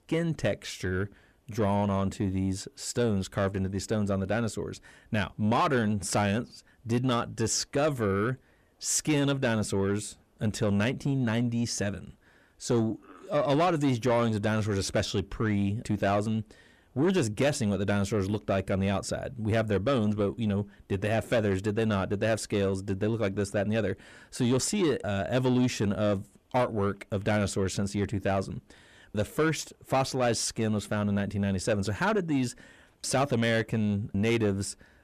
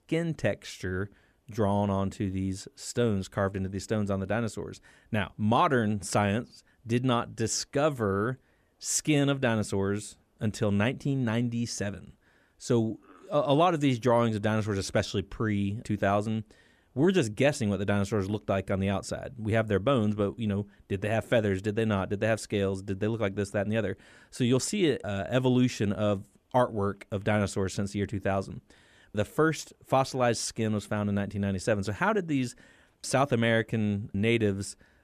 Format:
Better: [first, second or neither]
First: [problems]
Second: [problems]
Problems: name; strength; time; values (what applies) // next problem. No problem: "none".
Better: second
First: distortion; slight; 10 dB below the speech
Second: none